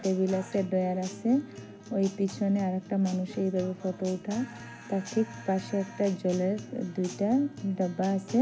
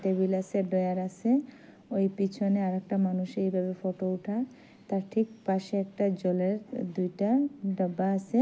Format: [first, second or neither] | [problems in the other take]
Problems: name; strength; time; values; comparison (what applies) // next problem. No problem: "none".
second | background sound (Guitar); 15 dB below the speech